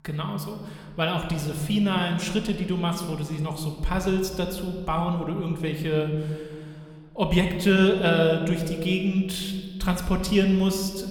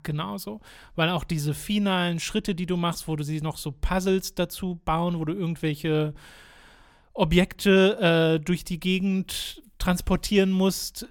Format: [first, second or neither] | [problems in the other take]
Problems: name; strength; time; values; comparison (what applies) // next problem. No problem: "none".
second | room echo; slight; dies away in 1.5 s